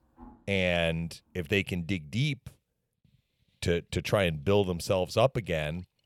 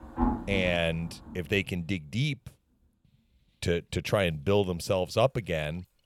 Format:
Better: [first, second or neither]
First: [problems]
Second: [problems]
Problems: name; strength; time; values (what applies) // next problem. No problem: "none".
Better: first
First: rain or running water; faint; throughout; 30 dB below the speech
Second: rain or running water; loud; throughout; 7 dB below the speech